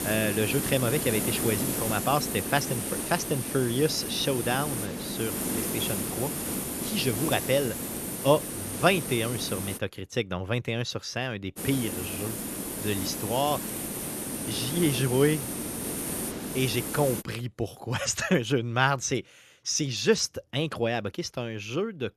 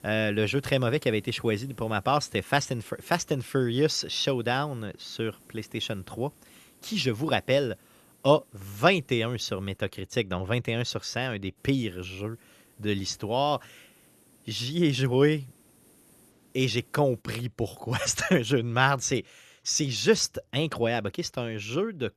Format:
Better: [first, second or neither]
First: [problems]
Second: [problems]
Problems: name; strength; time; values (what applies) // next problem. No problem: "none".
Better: second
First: hiss; loud; until 10 s and from 12 to 17 s; 3 dB below the speech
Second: hiss; faint; until 10 s and from 12 to 17 s; 30 dB below the speech